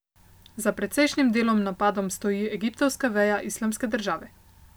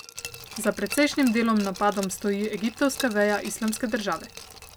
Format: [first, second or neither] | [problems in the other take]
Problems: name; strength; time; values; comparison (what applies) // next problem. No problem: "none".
first | background sound (Glass); 15 dB below the speech